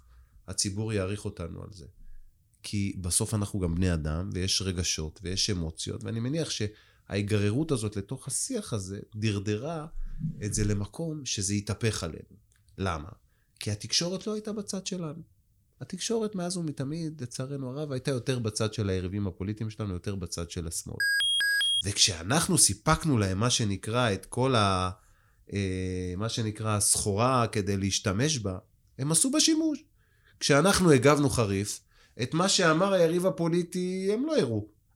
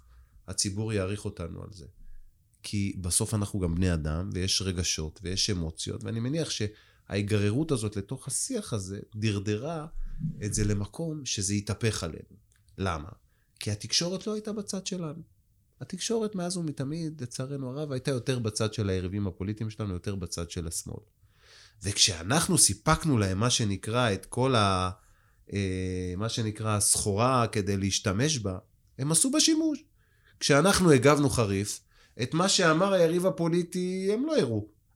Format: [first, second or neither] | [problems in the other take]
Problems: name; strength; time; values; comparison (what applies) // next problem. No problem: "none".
second | alarm; loud; at 21 s; peak 5 dB above the speech